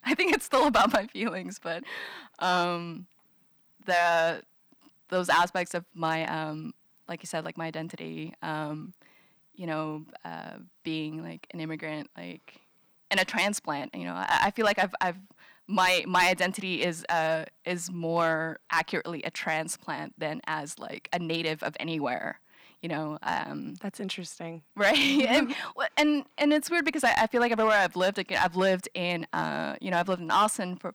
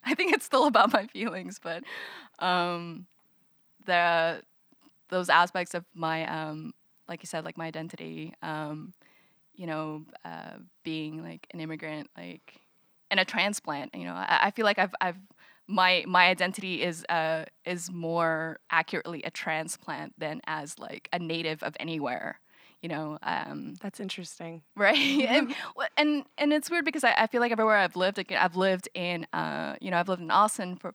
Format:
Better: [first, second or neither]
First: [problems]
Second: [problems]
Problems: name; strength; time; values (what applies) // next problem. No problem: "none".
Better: second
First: distortion; slight; 1.5% of the sound clipped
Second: none